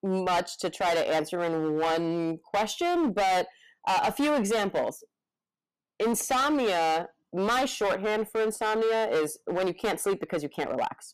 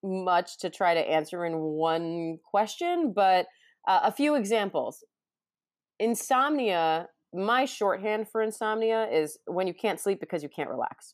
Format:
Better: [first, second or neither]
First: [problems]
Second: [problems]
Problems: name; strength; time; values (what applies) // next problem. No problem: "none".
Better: second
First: distortion; heavy; 18% of the sound clipped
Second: none